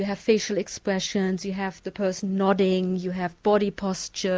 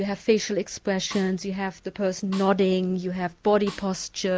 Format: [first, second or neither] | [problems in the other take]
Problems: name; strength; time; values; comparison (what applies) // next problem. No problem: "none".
first | background sound (Snare drum); 19 dB below the speech